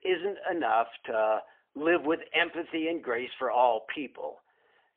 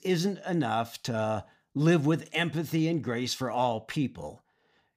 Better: second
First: phone-call audio; poor line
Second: none

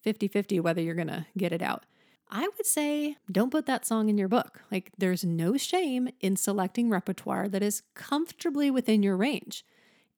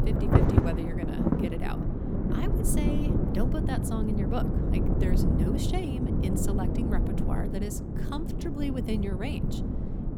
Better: first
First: none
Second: wind noise on the microphone; heavy; 2 dB above the speech

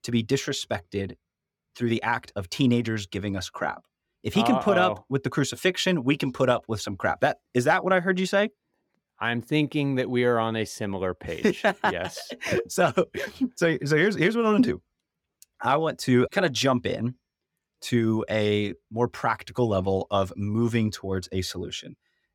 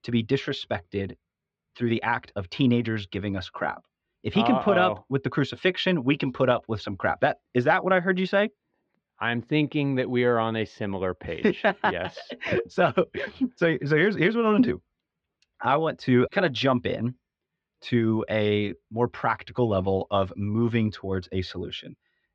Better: first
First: none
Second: muffled; slightly; fading above 4 kHz

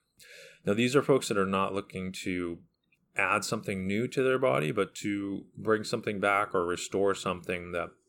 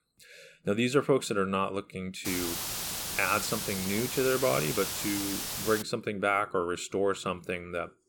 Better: first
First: none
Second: hiss; loud; from 2.5 to 6 s; 3 dB below the speech

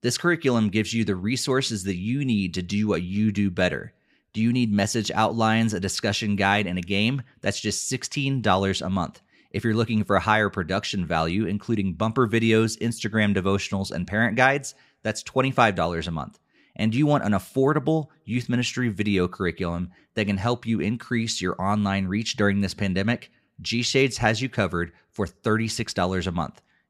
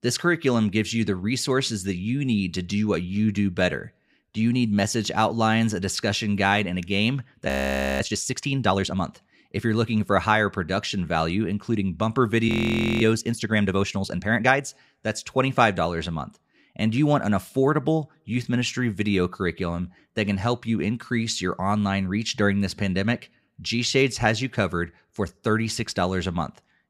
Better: first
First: none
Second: audio freezing; at 7.5 s for 0.5 s and at 12 s for 0.5 s

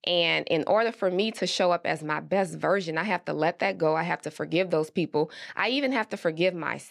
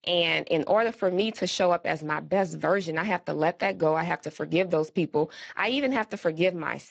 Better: first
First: none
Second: garbled, watery; badly; nothing above 7.5 kHz

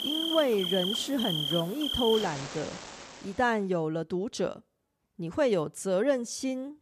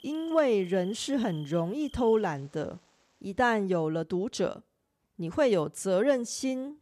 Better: second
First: animal sounds; loud; until 3 s; 2 dB below the speech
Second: animal sounds; faint; until 3 s; 25 dB below the speech

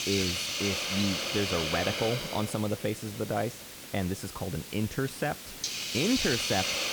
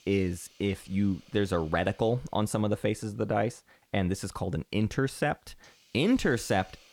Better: second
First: hiss; loud; throughout; as loud as the speech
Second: hiss; faint; throughout; 30 dB below the speech

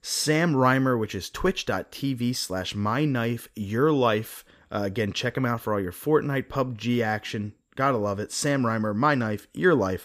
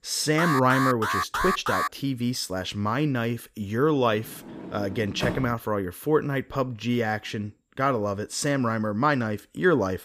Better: first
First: none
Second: alarm; noticeable; until 2 s; peak level with the speech // door banging; noticeable; from 4.5 to 5.5 s; peak 5 dB below the speech

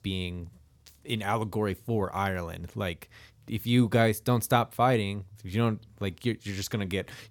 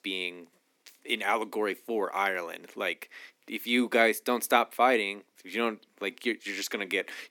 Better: first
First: none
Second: thin; somewhat; fading below 250 Hz

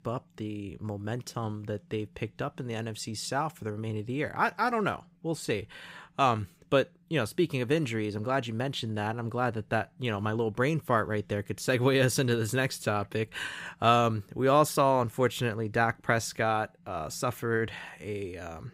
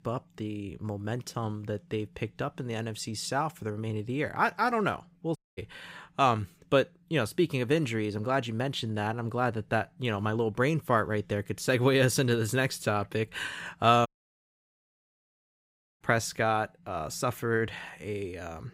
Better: first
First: none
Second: audio cutting out; at 5.5 s and at 14 s for 2 s

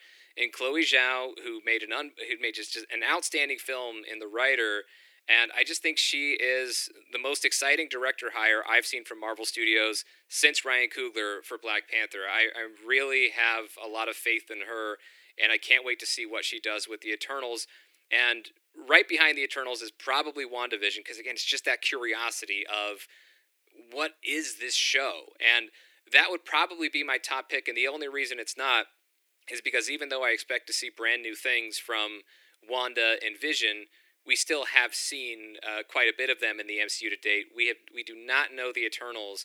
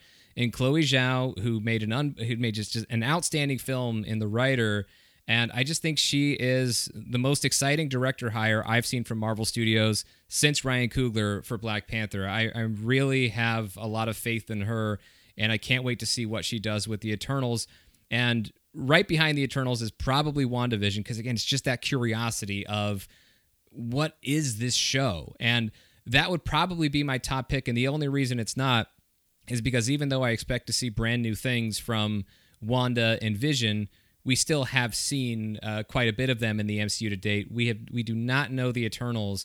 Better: second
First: thin; very; fading below 300 Hz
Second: none

